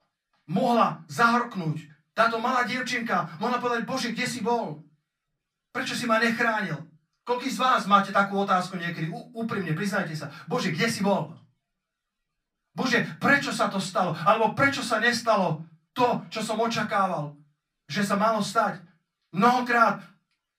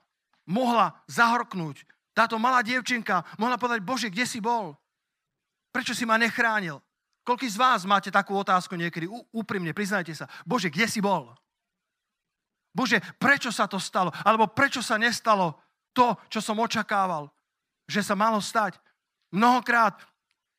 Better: second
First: off-mic speech; far // room echo; very slight; dies away in 0.2 s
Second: none

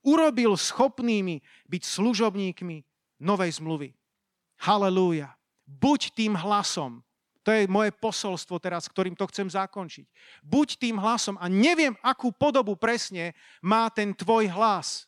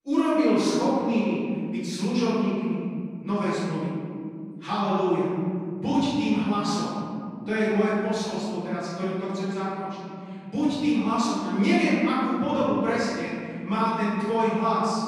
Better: first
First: none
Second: room echo; strong; dies away in 2.7 s // off-mic speech; far

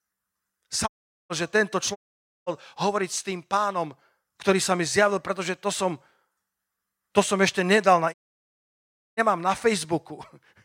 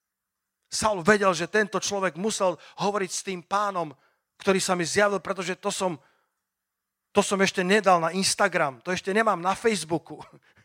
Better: second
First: audio cutting out; at 1 s, at 2 s for 0.5 s and at 8 s for 1 s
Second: none

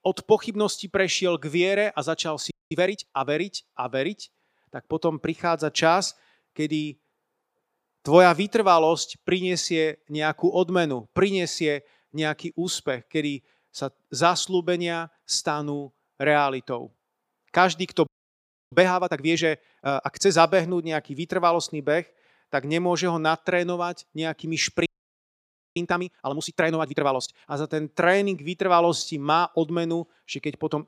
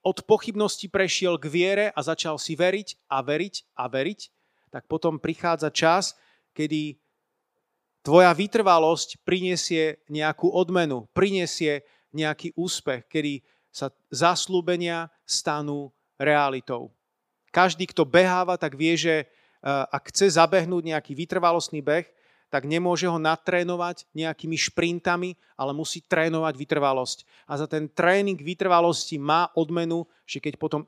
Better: second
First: audio freezing; at 2.5 s, at 18 s for 0.5 s and at 25 s for 1 s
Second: none

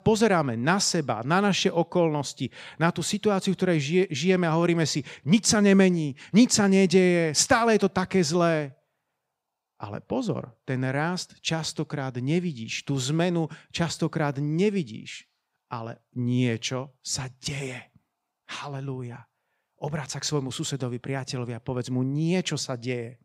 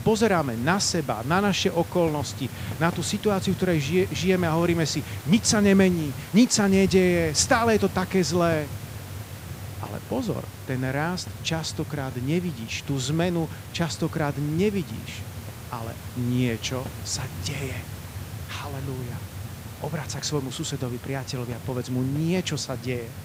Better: first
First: none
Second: hiss; noticeable; throughout; 10 dB below the speech

